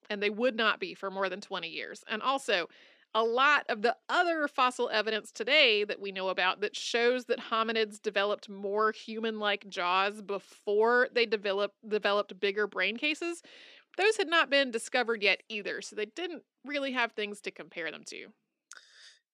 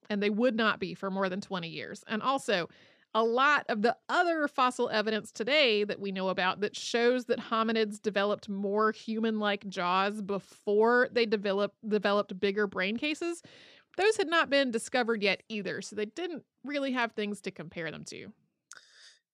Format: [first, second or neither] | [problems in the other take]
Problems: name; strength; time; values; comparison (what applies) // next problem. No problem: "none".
second | thin; very slightly; fading below 250 Hz